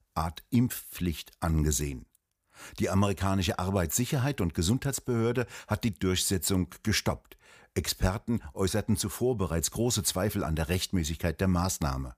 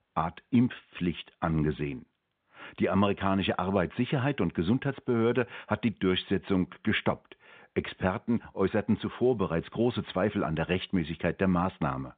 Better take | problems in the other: first | phone-call audio; nothing above 3.5 kHz

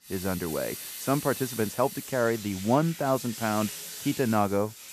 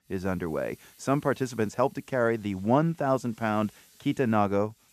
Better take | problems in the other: second | household noises; loud; throughout; 9 dB below the speech; faint in the second

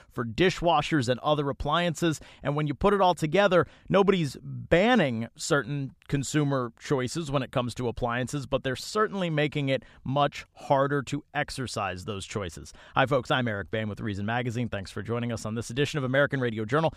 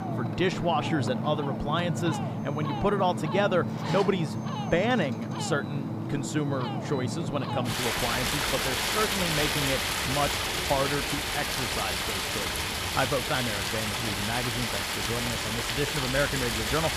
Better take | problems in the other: first | rain or running water; very loud; throughout; 1 dB above the speech

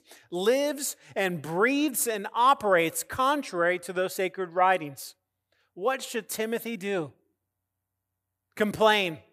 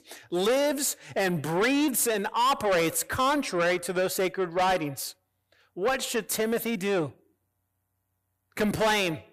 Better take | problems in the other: first | distortion; heavy; 7 dB below the speech

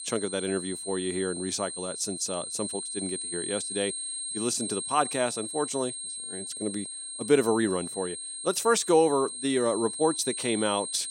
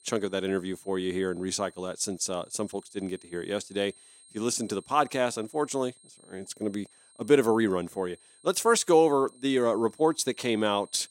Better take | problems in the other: second | high-pitched whine; loud; throughout; 8.5 kHz, 5 dB below the speech; faint in the second

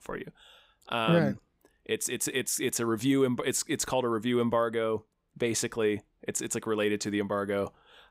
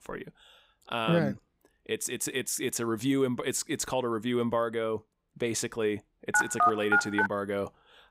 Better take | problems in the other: first | phone ringing; loud; at 6.5 s; peak 6 dB above the speech

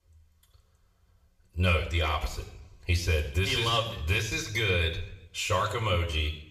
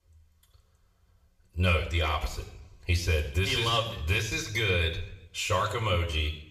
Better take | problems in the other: neither | room echo; slight; dies away in 0.7 s; the same in both // off-mic speech; somewhat distant; the same in both

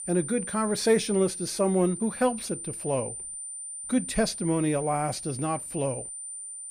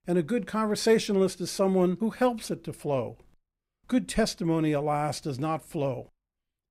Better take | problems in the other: second | high-pitched whine; loud; throughout; 9 kHz, 8 dB below the speech

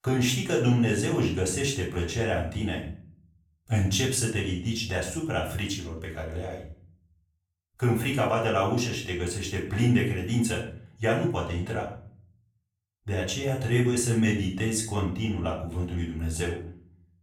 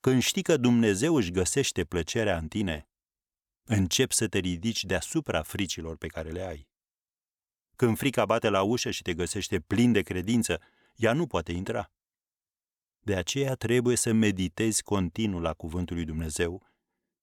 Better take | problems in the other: second | room echo; noticeable; dies away in 0.5 s // off-mic speech; far

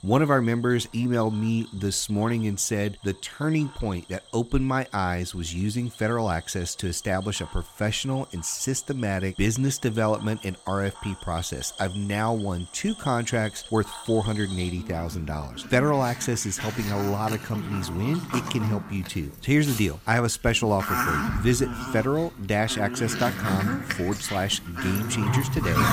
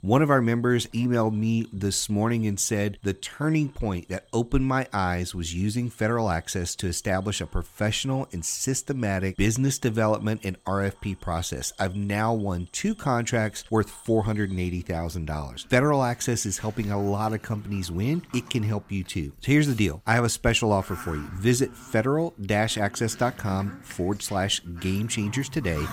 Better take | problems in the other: second | animal sounds; loud; throughout; 7 dB below the speech; faint in the second

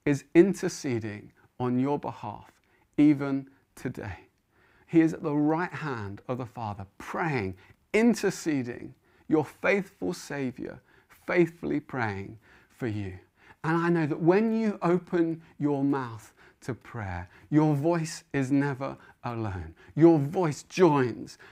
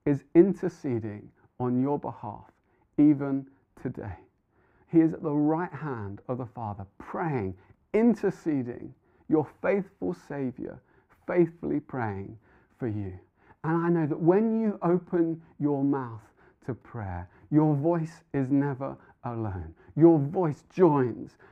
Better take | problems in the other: first | muffled; very; fading above 2 kHz

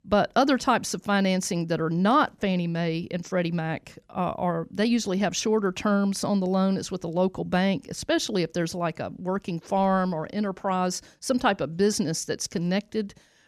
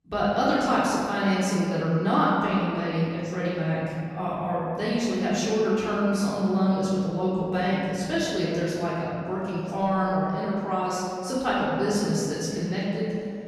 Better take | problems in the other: first | off-mic speech; far // room echo; strong; dies away in 2.1 s

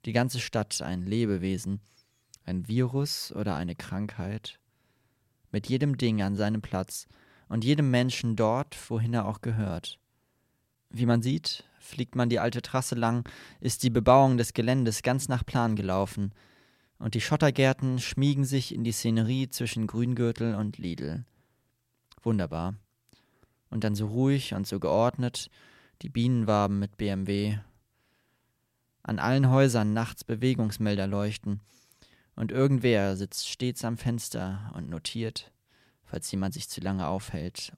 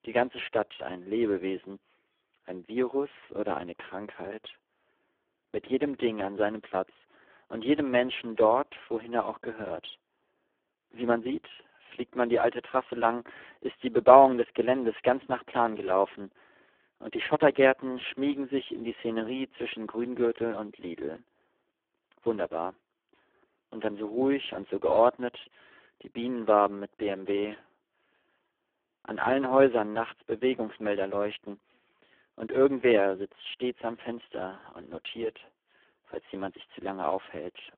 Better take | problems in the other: first | phone-call audio; poor line

